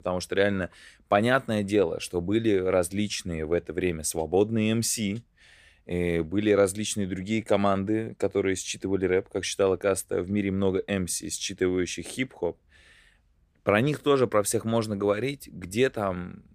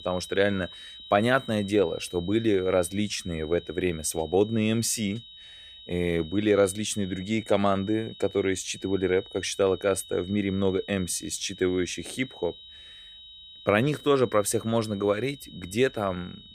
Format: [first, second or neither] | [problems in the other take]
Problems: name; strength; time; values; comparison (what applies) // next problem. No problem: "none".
first | high-pitched whine; noticeable; throughout; 4 kHz, 15 dB below the speech